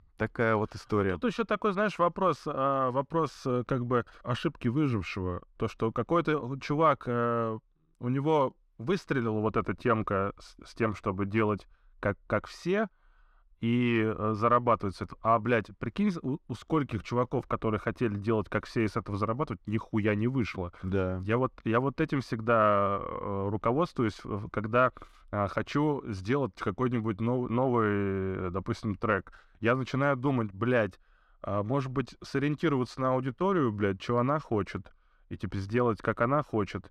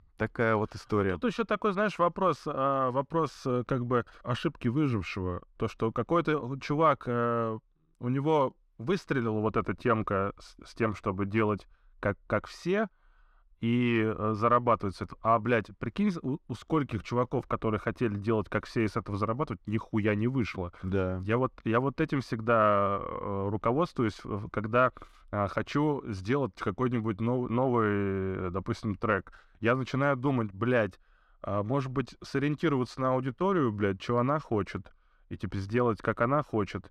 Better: neither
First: muffled; slightly; fading above 3.5 kHz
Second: muffled; slightly; fading above 3.5 kHz

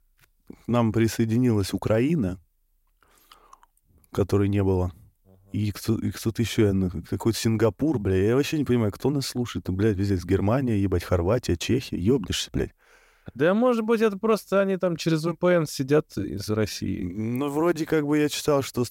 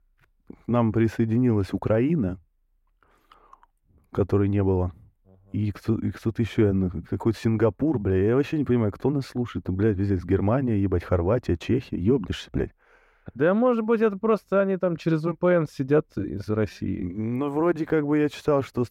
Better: first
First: none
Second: muffled; slightly; fading above 3.5 kHz

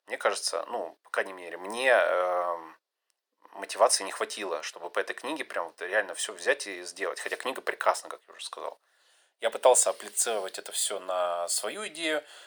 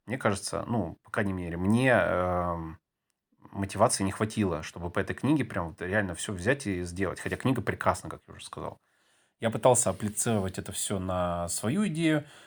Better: second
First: thin; very; fading below 500 Hz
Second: none

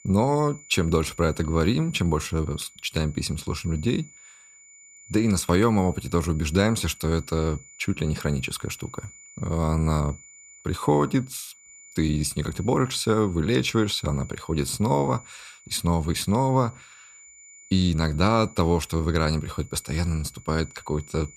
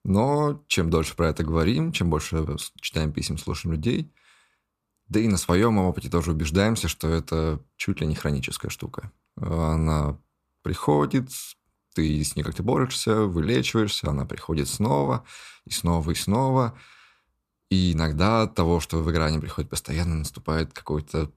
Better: second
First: high-pitched whine; faint; throughout; 7 kHz, 20 dB below the speech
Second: none

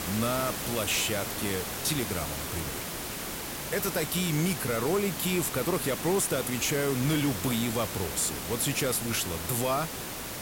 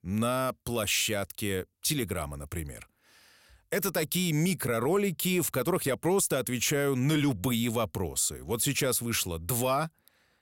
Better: second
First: hiss; loud; throughout; 4 dB below the speech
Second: none

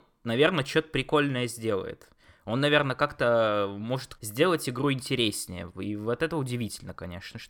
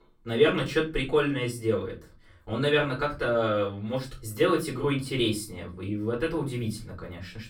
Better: first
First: none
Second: off-mic speech; far // room echo; very slight; dies away in 0.3 s

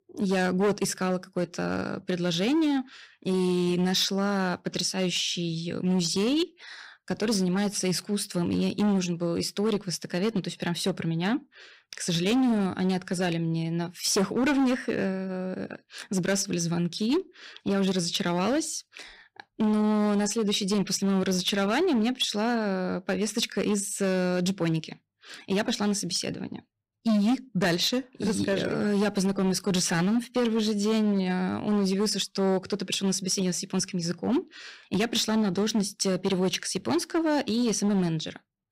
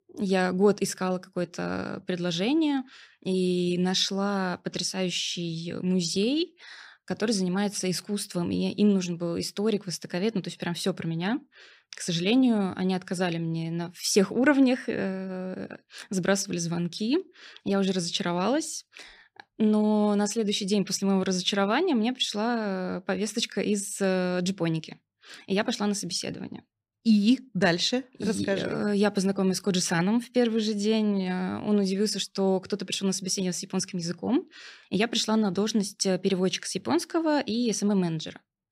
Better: second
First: distortion; slight; 10% of the sound clipped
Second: none

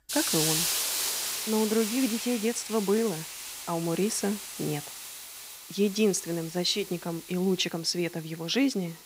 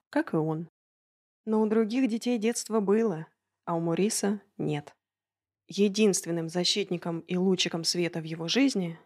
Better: second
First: hiss; loud; throughout; 3 dB below the speech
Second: none

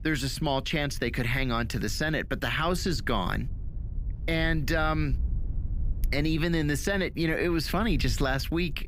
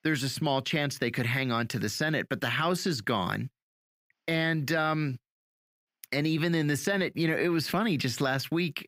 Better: second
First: low rumble; faint; throughout; 25 dB below the speech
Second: none

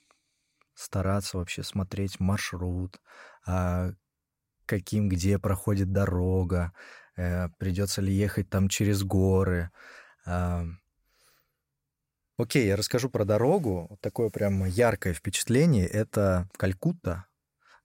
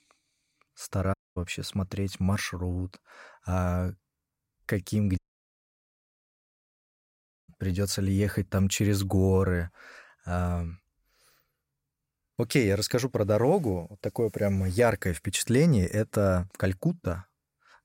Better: first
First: none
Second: audio cutting out; at 1 s and at 5 s for 2.5 s

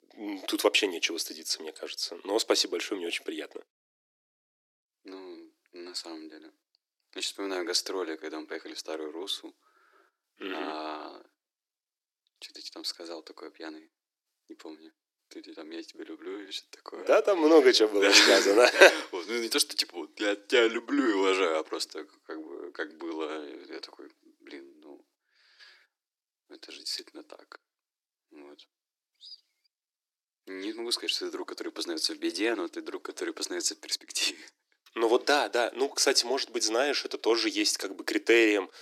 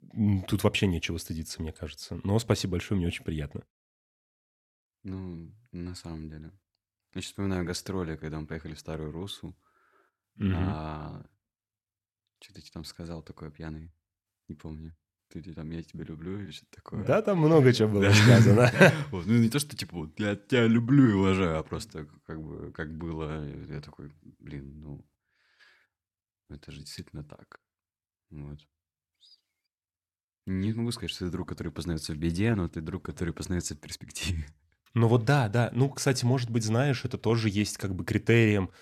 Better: second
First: thin; very; fading below 300 Hz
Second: none

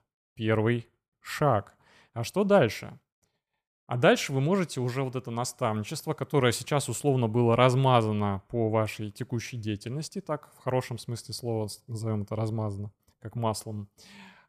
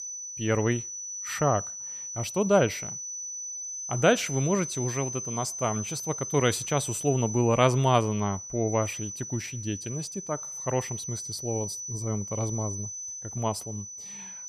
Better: first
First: none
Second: high-pitched whine; loud; throughout; 6 kHz, 6 dB below the speech

